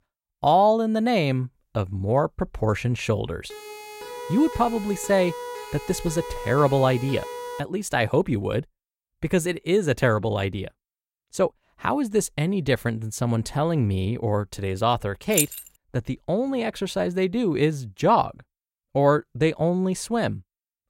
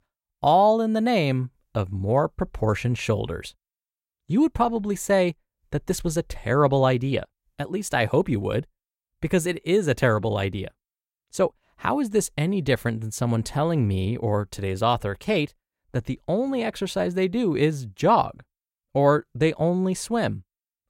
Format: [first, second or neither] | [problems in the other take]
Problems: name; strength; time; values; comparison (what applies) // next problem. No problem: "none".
second | siren; noticeable; from 3.5 to 7.5 s; peak 10 dB below the speech // jangling keys; loud; at 15 s; peak level with the speech